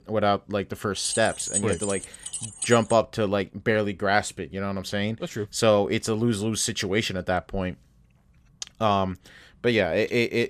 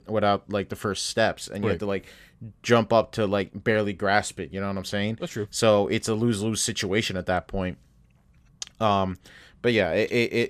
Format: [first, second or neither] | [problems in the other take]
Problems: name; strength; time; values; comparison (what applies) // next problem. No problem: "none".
second | jangling keys; noticeable; from 1 to 3 s; peak 2 dB below the speech